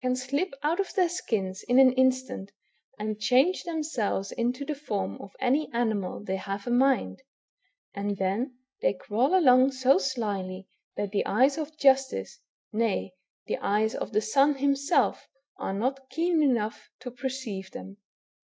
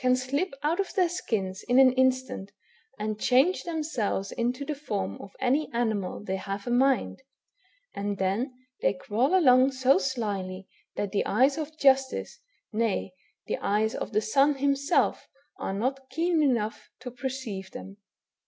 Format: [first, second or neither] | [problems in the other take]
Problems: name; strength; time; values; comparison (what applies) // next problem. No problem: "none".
second | noise reduction (neural mask model DeepFilterNet 3)